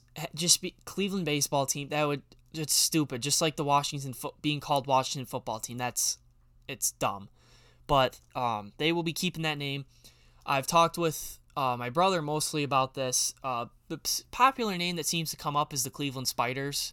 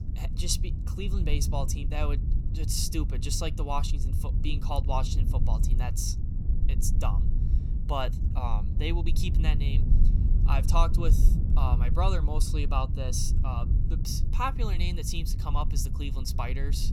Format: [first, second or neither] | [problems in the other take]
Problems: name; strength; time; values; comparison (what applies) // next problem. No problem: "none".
first | low rumble; noticeable; throughout; 10 dB below the speech